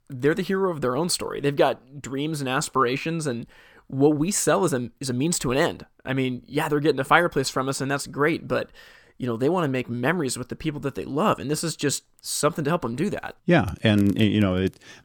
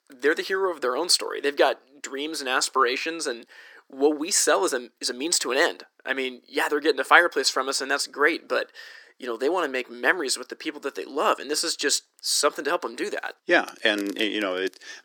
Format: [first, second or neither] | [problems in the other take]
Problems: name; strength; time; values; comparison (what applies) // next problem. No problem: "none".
first | thin; somewhat; fading below 300 Hz